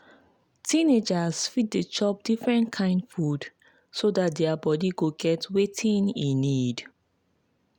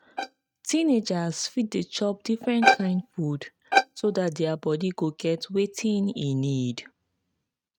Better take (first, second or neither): first